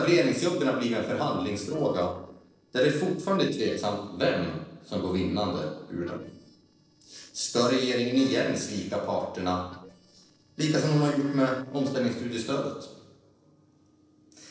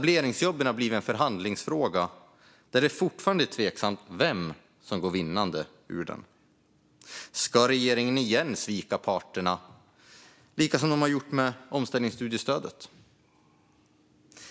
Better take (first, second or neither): second